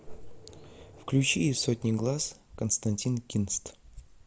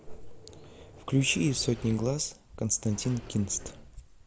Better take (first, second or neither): first